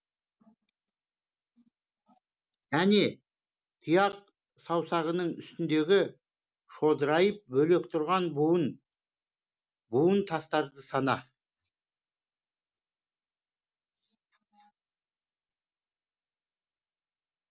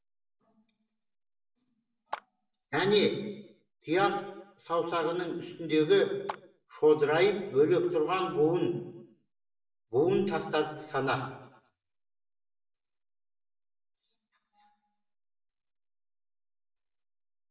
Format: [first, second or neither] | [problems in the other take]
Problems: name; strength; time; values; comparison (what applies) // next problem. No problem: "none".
first | background sound (Clapping); 16 dB below the speech // room echo; dies away in 0.8 s